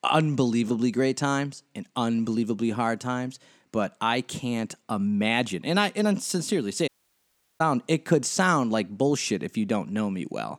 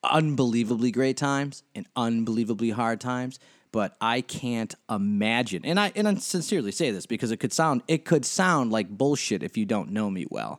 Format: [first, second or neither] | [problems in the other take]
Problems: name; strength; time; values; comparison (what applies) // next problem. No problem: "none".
second | audio cutting out; at 7 s for 0.5 s